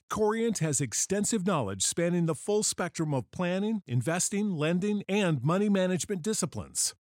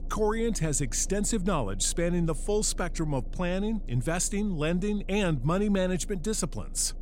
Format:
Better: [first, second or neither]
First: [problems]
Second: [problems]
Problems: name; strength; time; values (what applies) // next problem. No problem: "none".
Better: first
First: none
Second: low rumble; faint; throughout; 25 dB below the speech